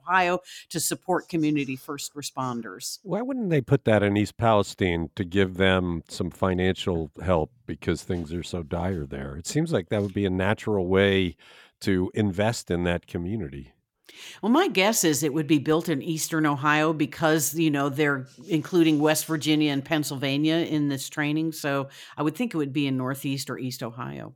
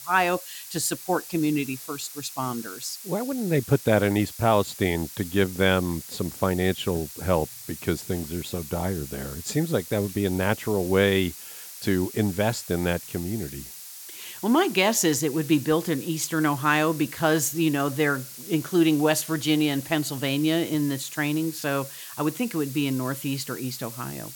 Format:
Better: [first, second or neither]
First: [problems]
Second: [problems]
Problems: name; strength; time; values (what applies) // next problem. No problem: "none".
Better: first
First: none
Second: hiss; noticeable; throughout; 15 dB below the speech